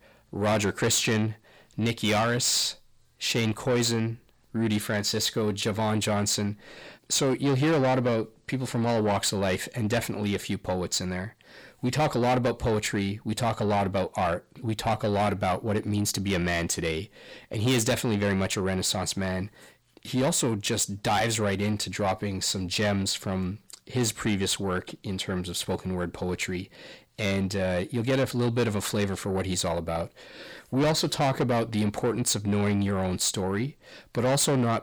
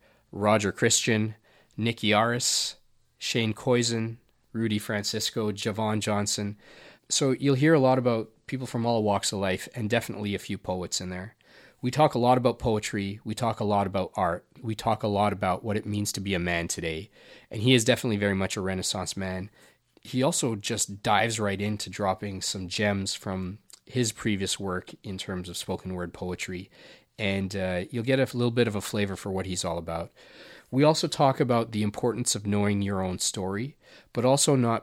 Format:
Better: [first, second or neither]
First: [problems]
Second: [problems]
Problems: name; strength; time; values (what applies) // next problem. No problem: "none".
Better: second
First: distortion; heavy; 8 dB below the speech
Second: none